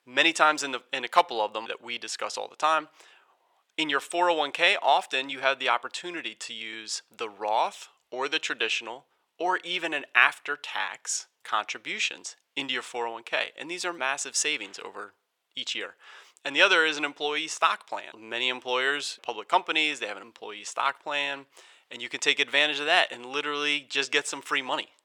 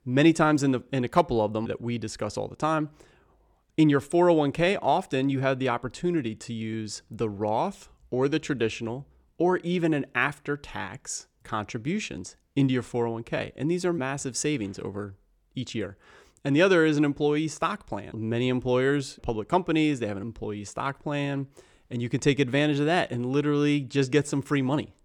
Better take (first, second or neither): second